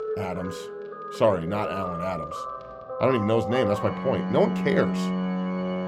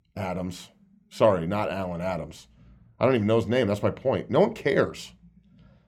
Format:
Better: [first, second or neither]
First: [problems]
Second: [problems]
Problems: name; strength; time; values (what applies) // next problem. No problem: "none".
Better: second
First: background music; loud; throughout; 5 dB below the speech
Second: none